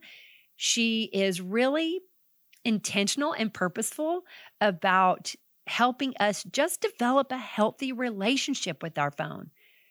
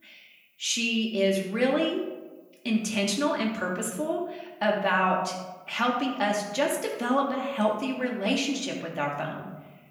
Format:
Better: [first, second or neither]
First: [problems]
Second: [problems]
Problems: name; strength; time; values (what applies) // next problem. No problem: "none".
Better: first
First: none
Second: room echo; noticeable; dies away in 0.9 s // off-mic speech; far